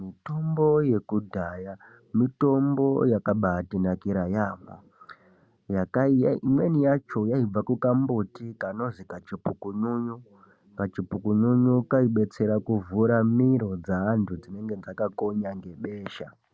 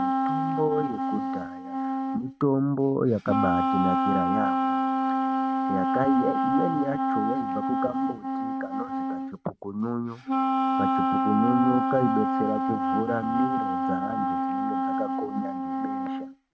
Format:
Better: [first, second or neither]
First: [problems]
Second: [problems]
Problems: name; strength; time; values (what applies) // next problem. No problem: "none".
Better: first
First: none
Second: noise reduction (neural mask model RNNoise)